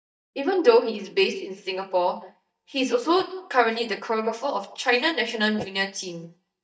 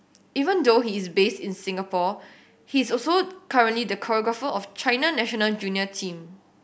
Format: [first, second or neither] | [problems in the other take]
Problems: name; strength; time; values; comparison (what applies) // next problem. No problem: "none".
second | noise reduction (neural mask model DeepFilterNet 3)